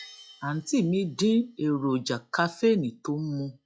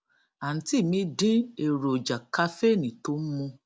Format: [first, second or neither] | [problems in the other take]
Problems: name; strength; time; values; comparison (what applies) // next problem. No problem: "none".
second | noise reduction (classical method log-MMSE)